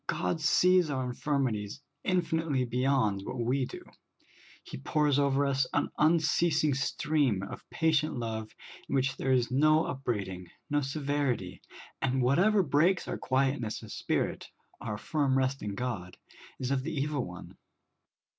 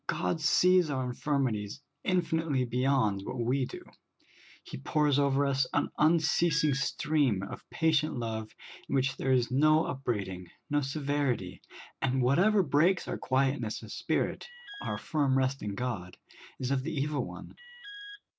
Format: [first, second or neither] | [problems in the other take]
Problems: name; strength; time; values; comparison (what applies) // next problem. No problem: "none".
first | background sound (Alarm); 18 dB below the speech